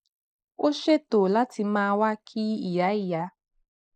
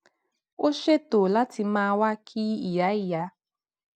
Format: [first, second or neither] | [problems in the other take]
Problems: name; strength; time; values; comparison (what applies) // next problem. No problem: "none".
second | noise reduction (neural mask model Resemble Enhance denoiser)